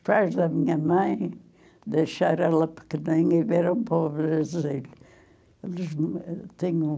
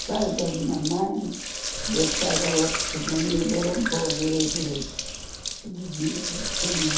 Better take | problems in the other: first | background sound (Sink (filling or washing)); 2 dB below the speech // room echo; dies away in 0.5 s

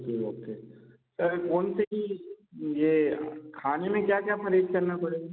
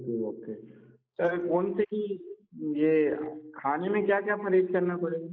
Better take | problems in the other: first | noise reduction (neural mask model Resemble Enhance denoiser)

